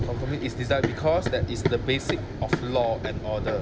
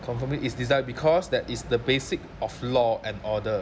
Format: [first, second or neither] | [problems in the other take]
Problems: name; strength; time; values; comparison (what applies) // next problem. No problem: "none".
second | background sound (Run); 2 dB below the speech